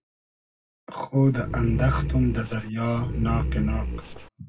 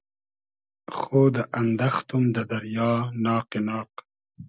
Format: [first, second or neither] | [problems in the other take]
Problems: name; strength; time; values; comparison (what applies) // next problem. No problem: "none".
second | background sound (Growling); 1 dB below the speech // room echo; dies away in 0.4 s